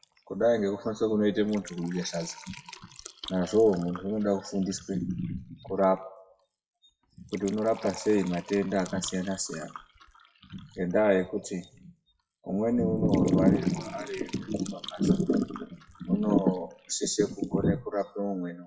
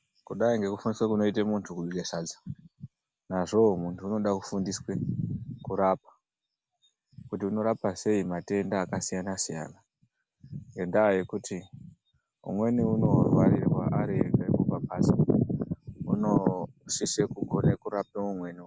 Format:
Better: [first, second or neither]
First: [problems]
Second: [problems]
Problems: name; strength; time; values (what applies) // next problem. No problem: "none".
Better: second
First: noise reduction (classical method WPE with log-MMSE)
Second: none